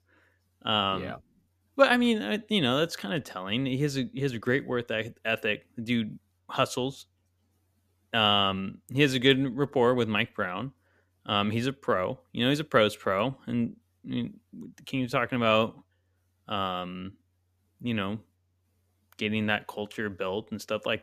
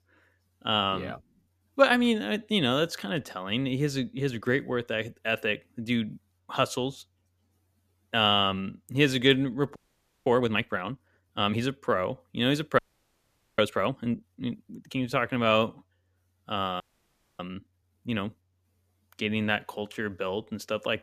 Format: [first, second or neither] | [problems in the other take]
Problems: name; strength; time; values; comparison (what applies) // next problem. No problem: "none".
first | audio freezing; at 10 s for 0.5 s, at 13 s for 1 s and at 17 s for 0.5 s